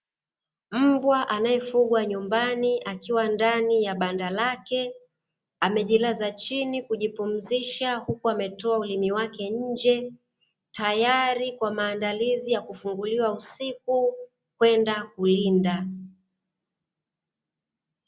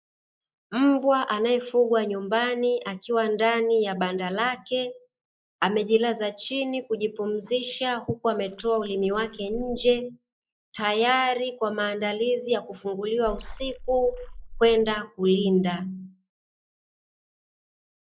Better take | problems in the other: first | noise reduction (neural mask model Resemble Enhance denoiser)

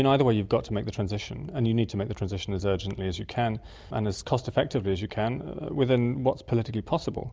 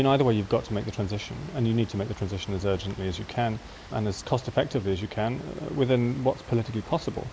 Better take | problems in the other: first | background sound (Water); 20 dB below the speech

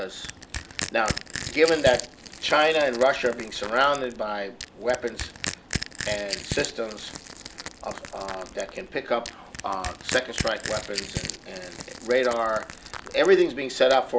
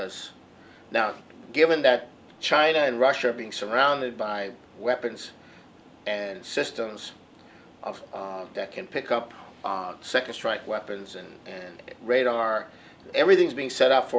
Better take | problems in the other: second | background sound (Crushing); 10 dB below the speech

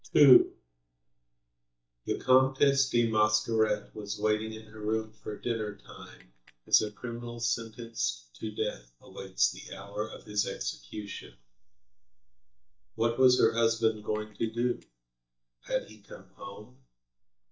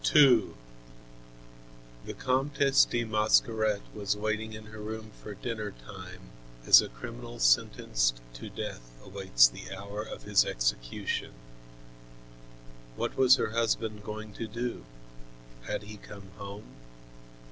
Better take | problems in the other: second | noise reduction (neural mask model DeepFilterNet 3)

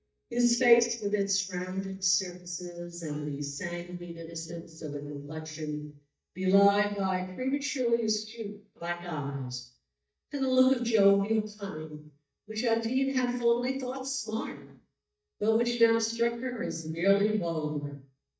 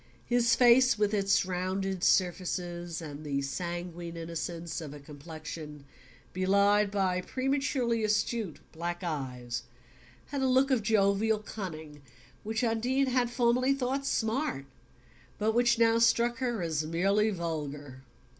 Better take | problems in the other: second | noise reduction (neural mask model DeepFilterNet 3)

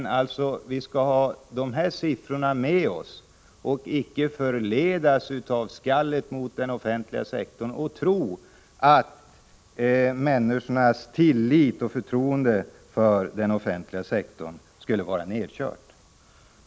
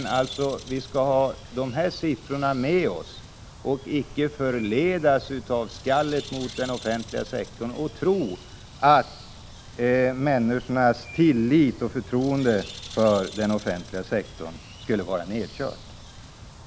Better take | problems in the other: first | background sound (Bird); 17 dB below the speech

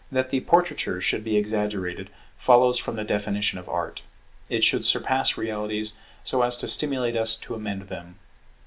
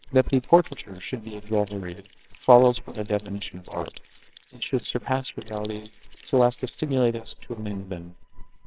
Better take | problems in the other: first | noise reduction (neural separator model SepFormer WHAMR!)

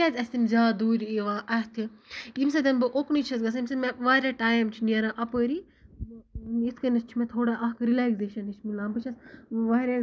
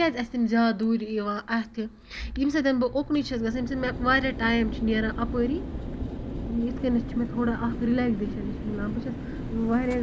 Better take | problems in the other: first | background sound (Mechanical fan); 8 dB below the speech

